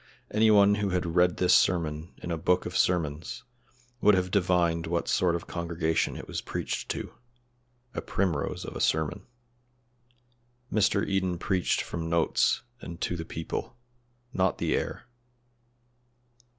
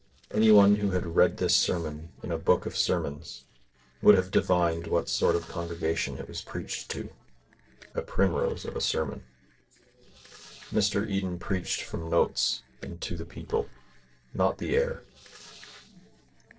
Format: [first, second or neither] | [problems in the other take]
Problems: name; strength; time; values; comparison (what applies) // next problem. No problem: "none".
first | noise reduction (neural separator model SepFormer DNS4)